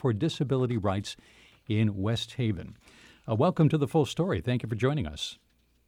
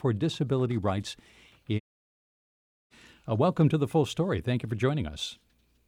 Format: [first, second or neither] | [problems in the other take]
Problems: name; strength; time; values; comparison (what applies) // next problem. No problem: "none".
first | audio cutting out; at 2 s for 1 s